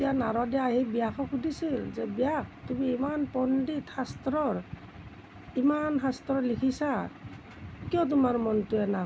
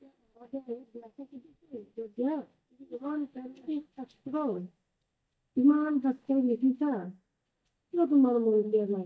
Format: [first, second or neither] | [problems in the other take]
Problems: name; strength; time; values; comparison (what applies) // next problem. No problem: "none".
first | noise reduction (neural mask model DeepFilterNet 3)